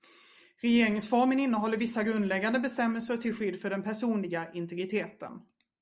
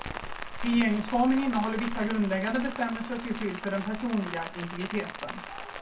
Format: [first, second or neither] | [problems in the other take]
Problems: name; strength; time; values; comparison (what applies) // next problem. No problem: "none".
first | background sound (Rain); 8 dB below the speech // room echo; dies away in 0.1 s